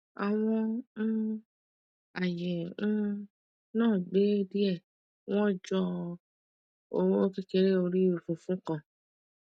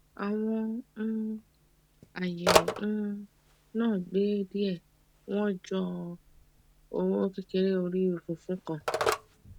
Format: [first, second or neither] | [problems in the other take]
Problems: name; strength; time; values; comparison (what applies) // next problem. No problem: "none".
first | background sound (Telephone); 4 dB below the speech